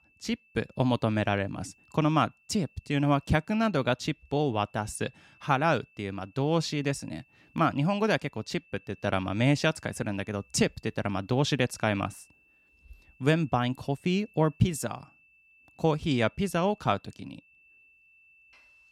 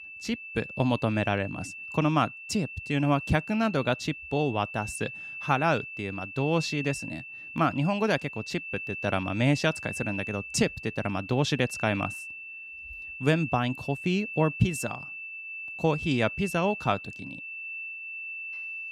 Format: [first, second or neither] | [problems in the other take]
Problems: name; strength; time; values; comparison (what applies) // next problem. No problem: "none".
first | high-pitched whine; loud; throughout; 2.5 kHz, 9 dB below the speech; faint in the first